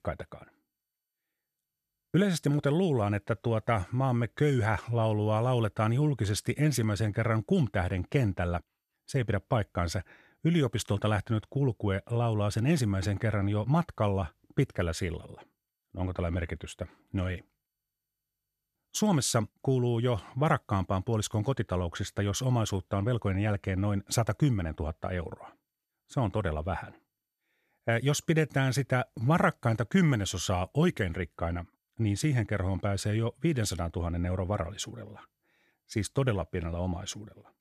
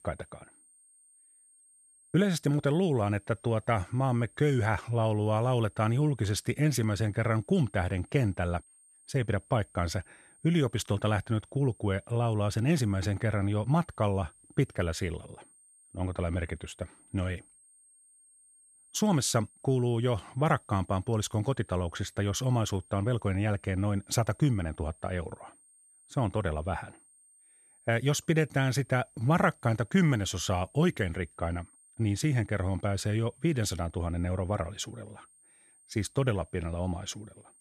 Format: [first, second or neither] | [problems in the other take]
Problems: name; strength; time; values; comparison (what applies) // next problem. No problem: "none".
first | high-pitched whine; faint; throughout; 8.5 kHz, 30 dB below the speech